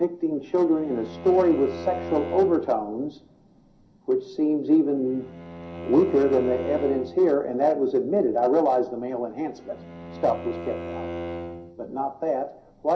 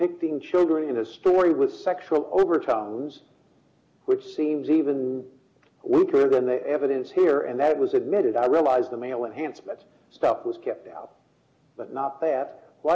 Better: second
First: background sound (Bowed string instrument); 14 dB below the speech // room echo; dies away in 0.3 s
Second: none

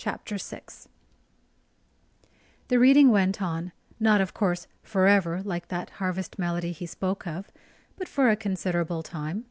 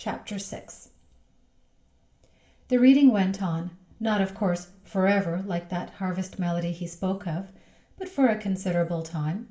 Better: first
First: none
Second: room echo; dies away in 0.3 s

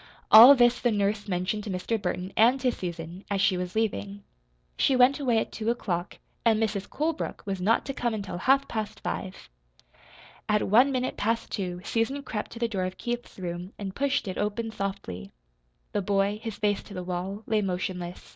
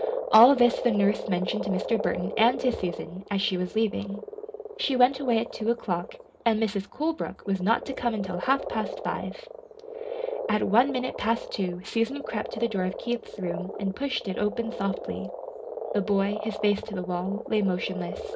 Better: first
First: none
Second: background sound (Frog); 8 dB below the speech // room echo; dies away in 0.3 s

